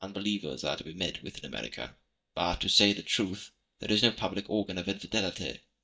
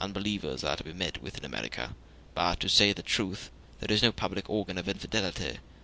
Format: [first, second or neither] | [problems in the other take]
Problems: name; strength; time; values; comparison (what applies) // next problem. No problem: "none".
second | noise reduction (neural mask model DeepFilterNet 3)